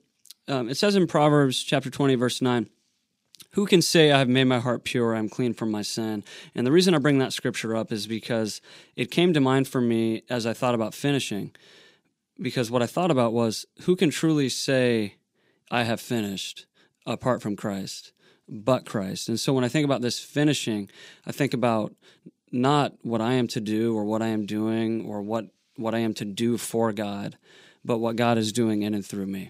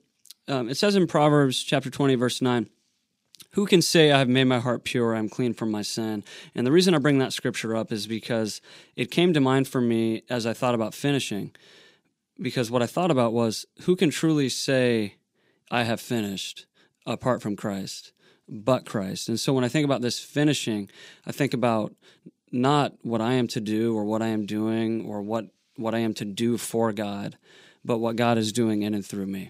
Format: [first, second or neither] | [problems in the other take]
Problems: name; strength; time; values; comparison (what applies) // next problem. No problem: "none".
neither | none